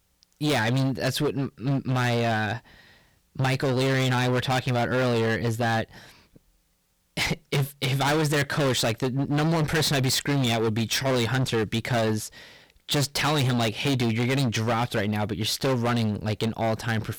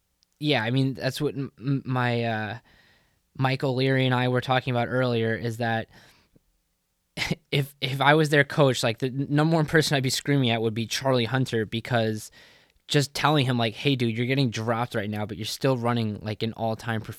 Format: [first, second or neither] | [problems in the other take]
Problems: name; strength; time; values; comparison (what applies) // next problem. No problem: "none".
second | distortion; heavy; 23% of the sound clipped